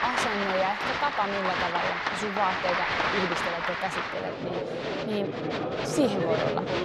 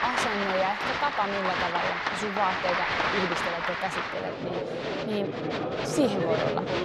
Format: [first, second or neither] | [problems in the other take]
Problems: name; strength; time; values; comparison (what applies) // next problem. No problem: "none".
neither | crowd noise; very loud; throughout; 2 dB above the speech; the same in both